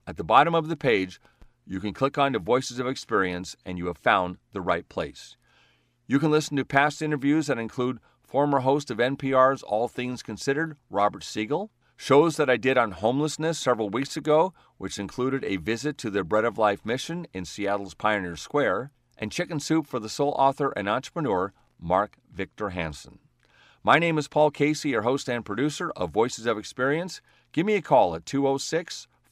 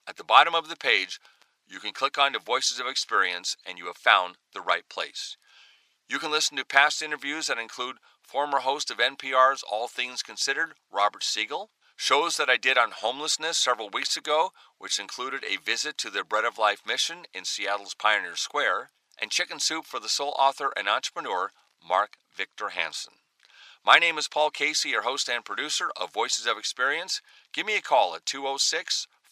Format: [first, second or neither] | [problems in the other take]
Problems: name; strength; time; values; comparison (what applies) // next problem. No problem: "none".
first | thin; very; fading below 850 Hz